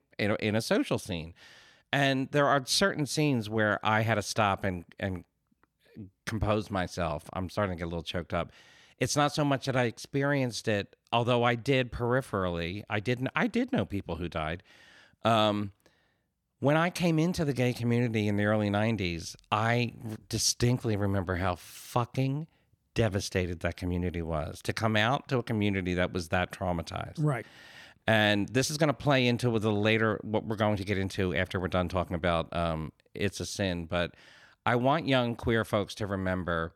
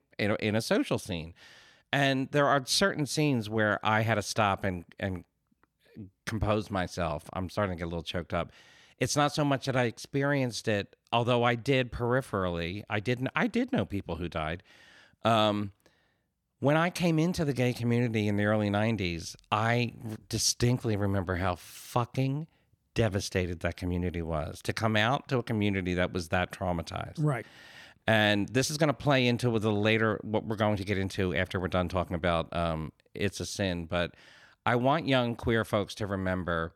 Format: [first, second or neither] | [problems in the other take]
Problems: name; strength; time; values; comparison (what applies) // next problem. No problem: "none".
neither | none